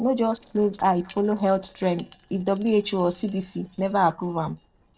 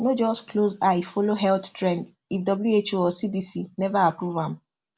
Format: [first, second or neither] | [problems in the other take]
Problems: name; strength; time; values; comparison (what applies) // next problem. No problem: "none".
second | noise reduction (neural separator model SepFormer DNS4)